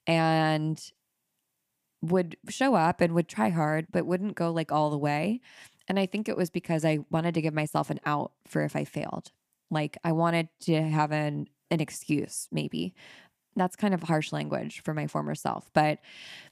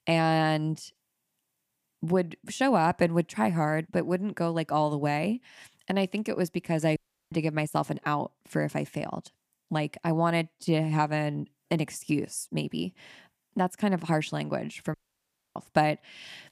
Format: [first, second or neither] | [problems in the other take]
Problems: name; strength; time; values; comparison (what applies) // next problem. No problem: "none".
first | audio cutting out; at 7 s and at 15 s for 0.5 s